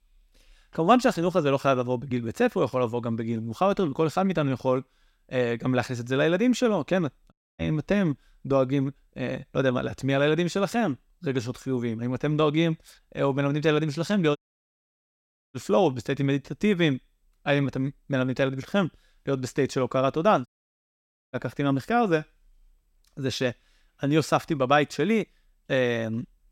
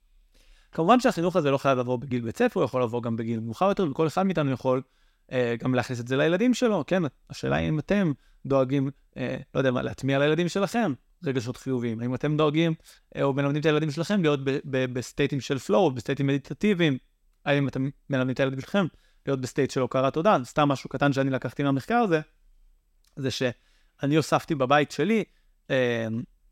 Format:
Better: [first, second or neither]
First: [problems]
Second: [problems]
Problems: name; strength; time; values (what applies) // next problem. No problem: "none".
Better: second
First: audio cutting out; at 7.5 s, at 14 s for 1 s and at 20 s for 1 s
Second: none